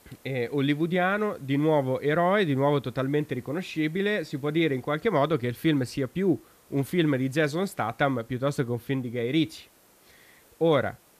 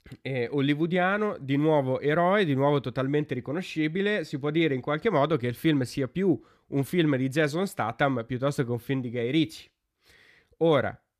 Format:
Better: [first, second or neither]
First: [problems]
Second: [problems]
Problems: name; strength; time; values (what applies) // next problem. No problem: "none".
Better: second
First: hiss; faint; throughout; 30 dB below the speech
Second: none